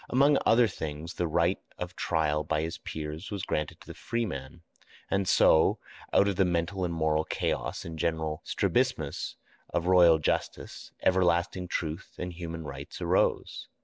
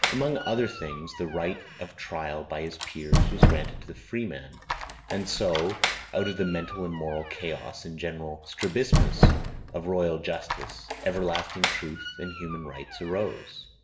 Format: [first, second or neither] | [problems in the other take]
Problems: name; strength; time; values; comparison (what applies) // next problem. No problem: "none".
first | background sound (Squeak); 2 dB above the speech // room echo; dies away in 0.6 s